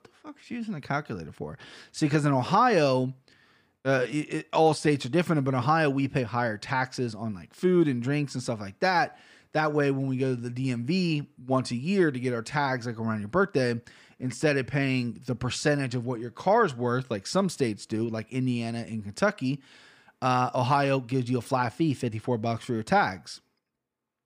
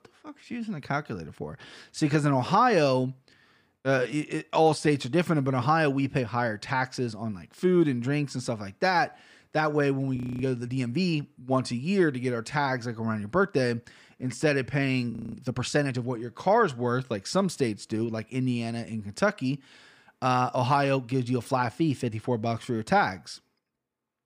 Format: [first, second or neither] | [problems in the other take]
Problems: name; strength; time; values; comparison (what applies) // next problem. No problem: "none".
first | audio freezing; at 10 s and at 15 s